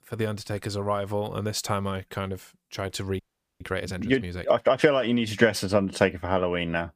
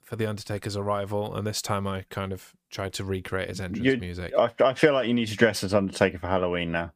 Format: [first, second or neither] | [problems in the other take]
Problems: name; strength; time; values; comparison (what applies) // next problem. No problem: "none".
second | audio freezing; at 3 s